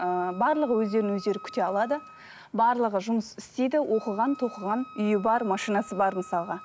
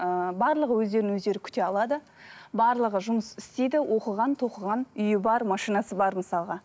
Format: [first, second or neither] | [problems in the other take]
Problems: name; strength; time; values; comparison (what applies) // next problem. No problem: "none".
second | background sound (Wind instrument, woodwind instrument); 20 dB below the speech